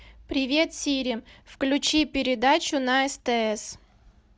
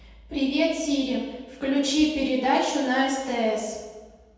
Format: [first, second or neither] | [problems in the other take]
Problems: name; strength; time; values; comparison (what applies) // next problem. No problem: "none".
first | room echo; dies away in 1.1 s